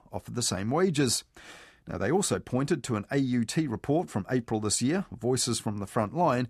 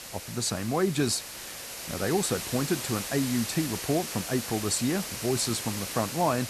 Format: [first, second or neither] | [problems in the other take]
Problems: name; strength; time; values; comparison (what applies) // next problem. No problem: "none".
first | hiss; loud; throughout; 6 dB below the speech